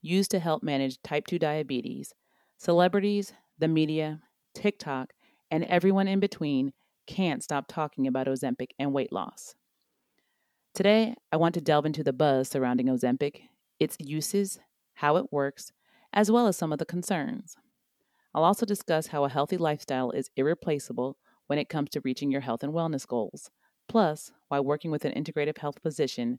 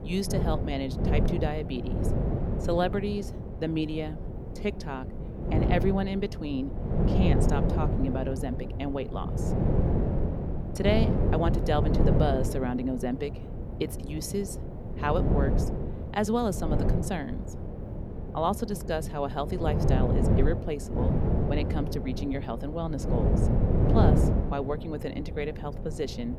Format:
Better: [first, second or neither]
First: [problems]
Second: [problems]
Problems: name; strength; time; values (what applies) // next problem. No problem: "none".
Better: first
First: none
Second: wind noise on the microphone; heavy; 4 dB below the speech